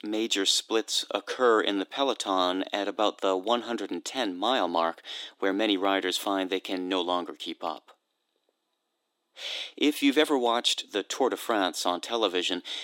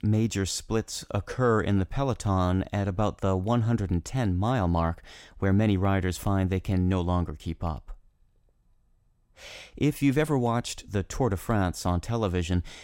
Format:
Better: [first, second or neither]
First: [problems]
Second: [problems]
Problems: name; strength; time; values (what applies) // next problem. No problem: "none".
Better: second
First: thin; somewhat; fading below 300 Hz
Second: none